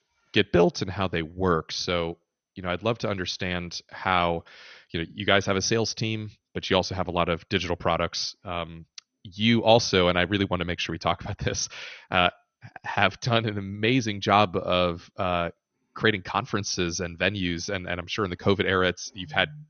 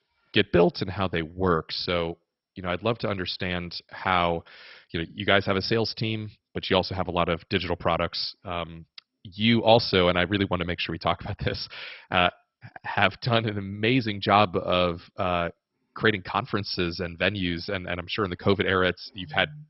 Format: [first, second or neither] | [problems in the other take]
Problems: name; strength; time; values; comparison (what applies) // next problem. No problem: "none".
first | garbled, watery; badly; nothing above 5.5 kHz; slightly in the first